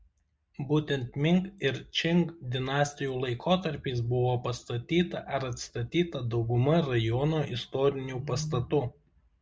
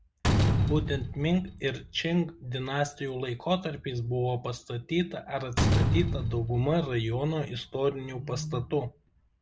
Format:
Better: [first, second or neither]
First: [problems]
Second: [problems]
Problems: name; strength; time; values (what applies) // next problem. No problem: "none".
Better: first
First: none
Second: background sound (Slam); 1 dB below the speech